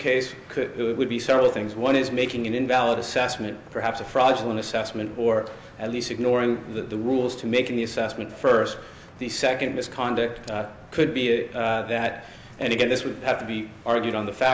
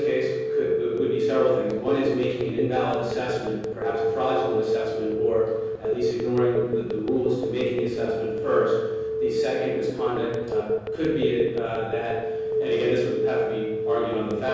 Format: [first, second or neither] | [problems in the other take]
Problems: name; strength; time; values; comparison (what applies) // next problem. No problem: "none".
first | background sound (Telephone); as loud as the speech // room echo; dies away in 1.3 s